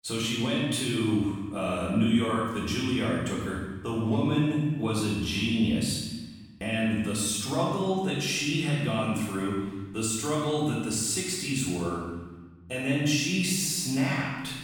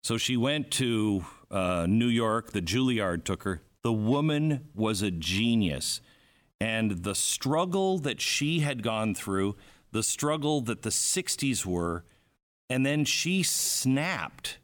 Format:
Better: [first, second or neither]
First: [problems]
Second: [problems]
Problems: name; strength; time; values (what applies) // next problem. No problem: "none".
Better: second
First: room echo; strong; dies away in 1.1 s // off-mic speech; far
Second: none